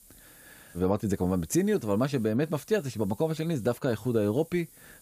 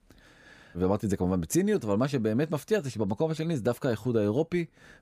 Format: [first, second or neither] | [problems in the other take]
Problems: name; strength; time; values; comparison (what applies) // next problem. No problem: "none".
second | hiss; faint; throughout; 25 dB below the speech